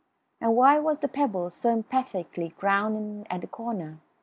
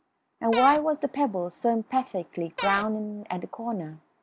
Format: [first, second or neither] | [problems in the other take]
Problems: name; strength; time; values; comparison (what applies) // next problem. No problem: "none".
first | background sound (Cupboard open or close / Door); 6 dB below the speech